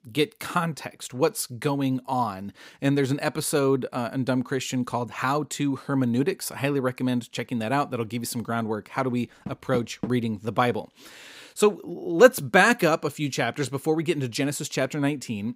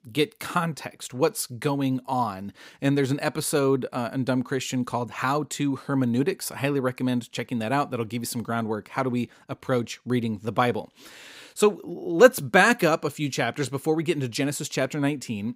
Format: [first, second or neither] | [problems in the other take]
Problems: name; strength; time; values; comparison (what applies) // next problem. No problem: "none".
second | door banging; noticeable; at 9.5 s; peak 9 dB below the speech